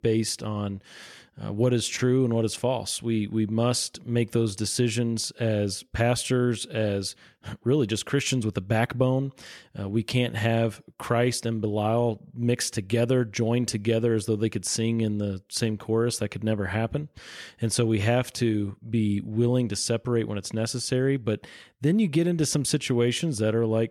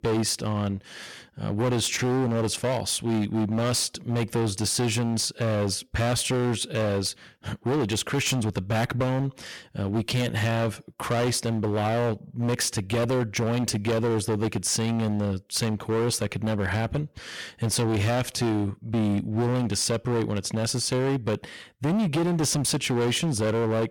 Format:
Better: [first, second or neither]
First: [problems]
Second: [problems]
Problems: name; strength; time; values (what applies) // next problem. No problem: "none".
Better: first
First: none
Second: distortion; heavy; 21% of the sound clipped